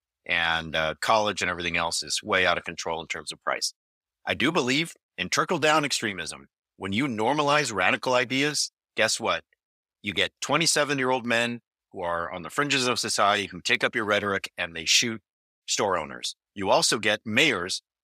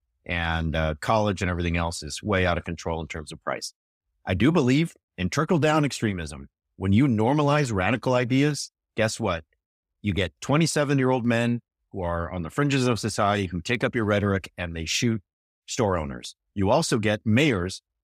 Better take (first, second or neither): second